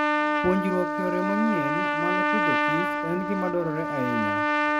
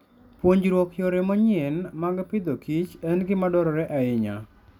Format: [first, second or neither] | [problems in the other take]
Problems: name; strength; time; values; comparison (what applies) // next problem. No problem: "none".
second | background sound (Trumpet); 3 dB above the speech